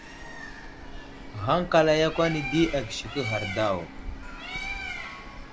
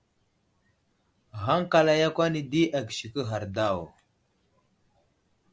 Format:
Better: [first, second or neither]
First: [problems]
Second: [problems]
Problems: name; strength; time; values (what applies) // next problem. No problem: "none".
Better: second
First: background sound (Bird); 9 dB below the speech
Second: none